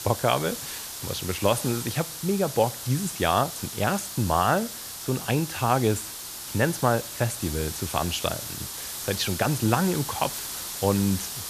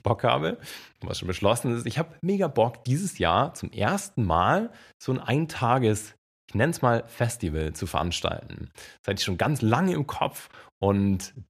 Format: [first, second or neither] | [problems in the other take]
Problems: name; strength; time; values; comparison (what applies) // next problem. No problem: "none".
second | hiss; loud; throughout; 7 dB below the speech